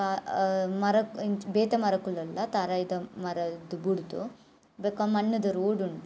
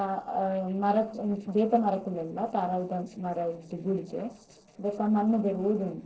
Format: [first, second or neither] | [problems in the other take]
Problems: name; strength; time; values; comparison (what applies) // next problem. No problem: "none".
first | noise reduction (neural separator model SepFormer DNS4)